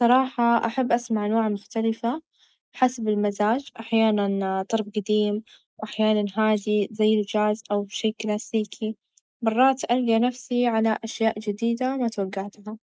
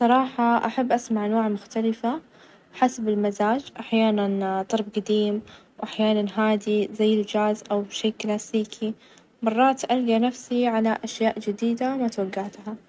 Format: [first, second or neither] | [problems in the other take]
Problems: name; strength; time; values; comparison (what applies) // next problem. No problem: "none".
second | noise reduction (neural mask model Resemble Enhance denoiser)